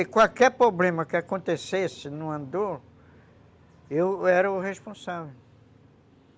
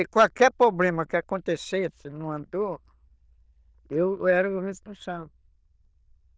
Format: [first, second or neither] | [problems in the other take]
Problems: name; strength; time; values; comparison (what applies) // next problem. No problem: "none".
first | noise reduction (neural diffusion model UNIVERSE++)